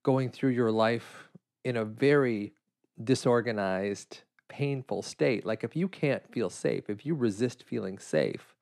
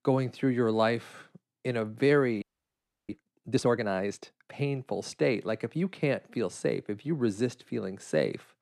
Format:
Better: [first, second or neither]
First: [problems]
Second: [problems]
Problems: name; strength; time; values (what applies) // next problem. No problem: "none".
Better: first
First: none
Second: audio freezing; at 2.5 s for 0.5 s